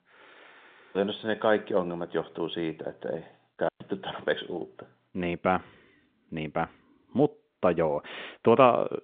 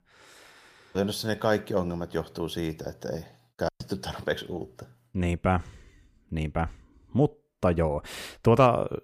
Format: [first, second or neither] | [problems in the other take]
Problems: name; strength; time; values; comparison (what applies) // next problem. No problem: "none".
second | phone-call audio